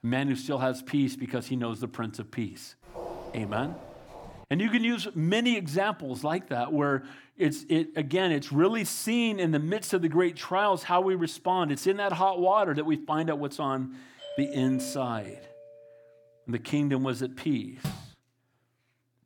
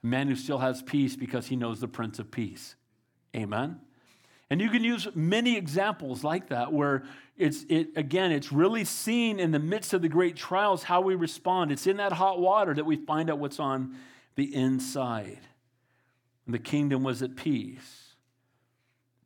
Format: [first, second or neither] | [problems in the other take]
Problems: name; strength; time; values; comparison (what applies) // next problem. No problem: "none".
second | footsteps; faint; from 3 to 4.5 s; peak 10 dB below the speech // doorbell; faint; from 14 to 16 s; peak 10 dB below the speech // door banging; noticeable; at 18 s; peak 10 dB below the speech